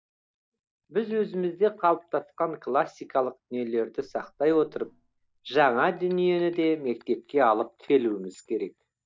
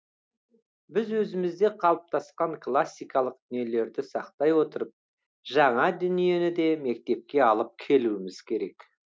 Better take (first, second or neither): second